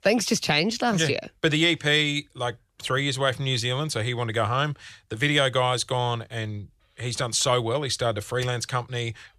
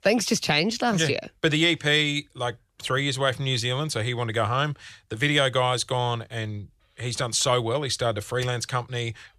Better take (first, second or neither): neither